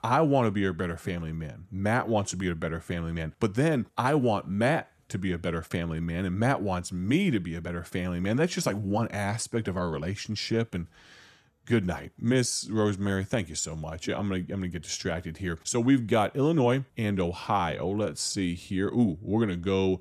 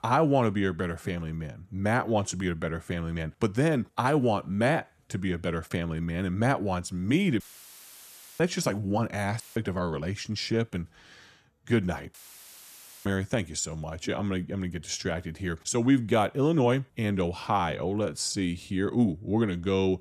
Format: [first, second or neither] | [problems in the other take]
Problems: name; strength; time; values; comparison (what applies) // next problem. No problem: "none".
first | audio cutting out; filled with static; at 7.5 s for 1 s, at 9.5 s and at 12 s for 1 s